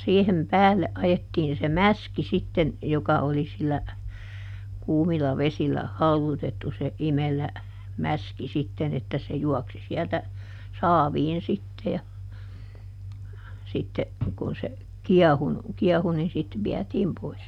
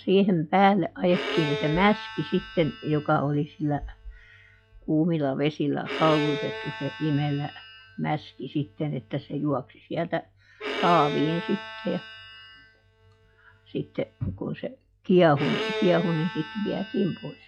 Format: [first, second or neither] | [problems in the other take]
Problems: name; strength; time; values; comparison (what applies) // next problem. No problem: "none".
first | noise reduction (classical method log-MMSE)